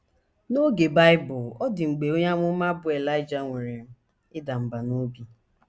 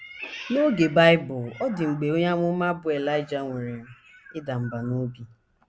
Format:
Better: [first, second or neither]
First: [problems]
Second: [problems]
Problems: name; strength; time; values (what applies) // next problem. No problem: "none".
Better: first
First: none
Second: background sound (Meow); 20 dB below the speech